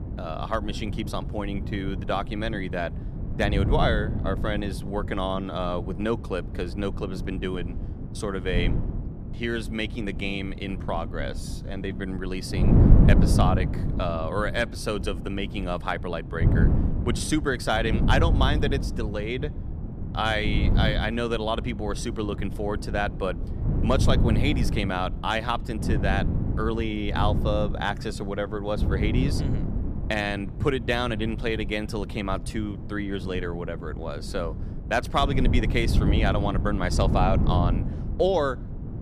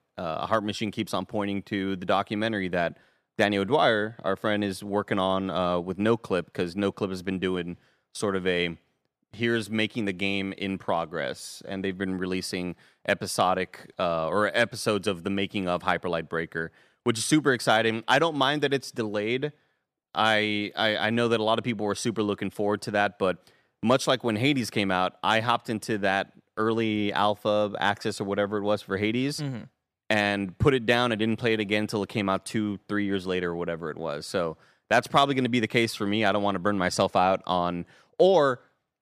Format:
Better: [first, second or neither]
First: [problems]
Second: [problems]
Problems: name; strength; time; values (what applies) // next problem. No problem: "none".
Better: second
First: wind noise on the microphone; heavy; 10 dB below the speech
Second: none